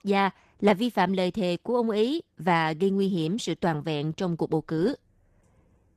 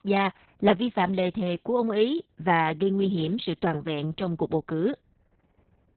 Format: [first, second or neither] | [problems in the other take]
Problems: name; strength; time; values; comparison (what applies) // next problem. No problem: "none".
first | garbled, watery; badly; nothing above 4 kHz; slightly in the first